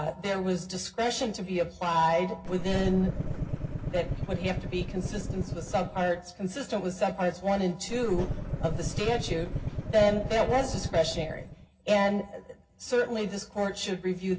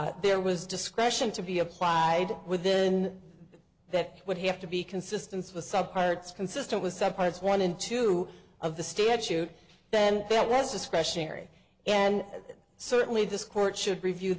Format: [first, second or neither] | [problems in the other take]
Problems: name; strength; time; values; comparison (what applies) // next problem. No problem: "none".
second | background sound (Engine starting / Car); 4 dB below the speech // room echo; dies away in 0.4 s